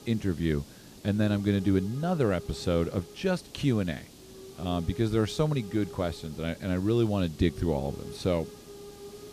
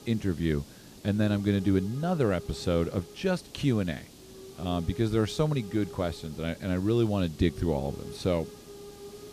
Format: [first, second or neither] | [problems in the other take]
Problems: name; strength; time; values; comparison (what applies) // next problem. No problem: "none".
neither | hiss; noticeable; throughout; 15 dB below the speech; the same in both